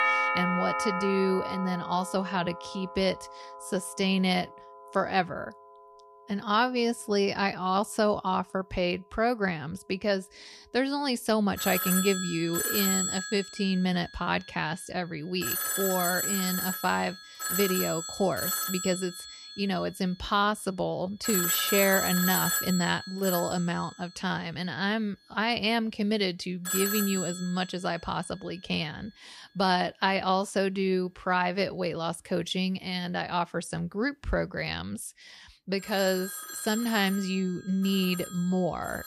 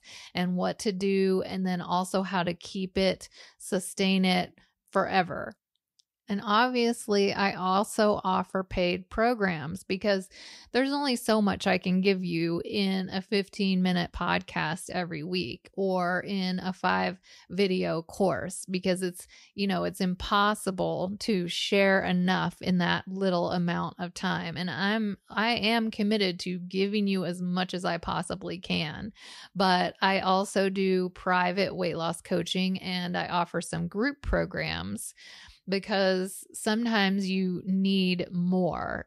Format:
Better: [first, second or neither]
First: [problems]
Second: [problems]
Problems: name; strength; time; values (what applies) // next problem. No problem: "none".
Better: second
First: alarms or sirens; loud; throughout; 2 dB below the speech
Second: none